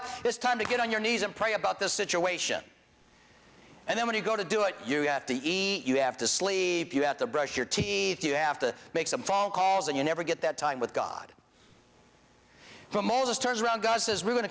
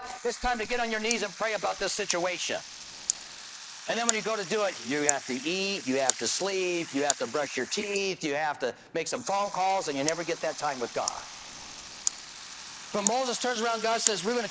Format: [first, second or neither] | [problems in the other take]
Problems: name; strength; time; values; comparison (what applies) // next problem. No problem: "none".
first | noise reduction (neural mask model Resemble Enhance denoiser)